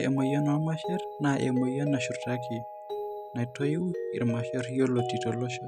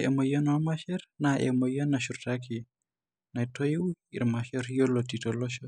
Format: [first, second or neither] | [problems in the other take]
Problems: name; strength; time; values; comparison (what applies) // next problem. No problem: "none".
second | background sound (Mallet percussion); 7 dB below the speech